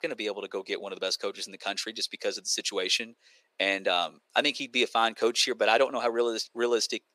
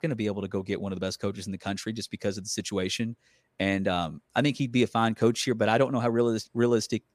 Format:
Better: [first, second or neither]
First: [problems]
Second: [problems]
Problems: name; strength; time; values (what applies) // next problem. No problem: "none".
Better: second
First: thin; somewhat; fading below 400 Hz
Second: none